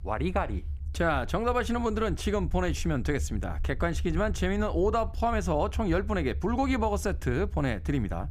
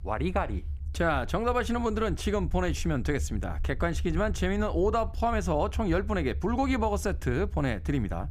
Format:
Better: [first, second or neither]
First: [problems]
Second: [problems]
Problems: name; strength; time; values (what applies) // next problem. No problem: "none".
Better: neither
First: low rumble; faint; throughout; 25 dB below the speech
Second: low rumble; faint; throughout; 25 dB below the speech